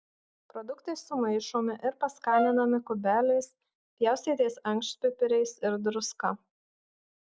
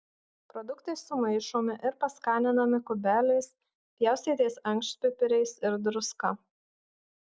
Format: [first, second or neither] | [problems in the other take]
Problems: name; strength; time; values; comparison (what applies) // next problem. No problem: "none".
second | background sound (Brass instrument); 4 dB below the speech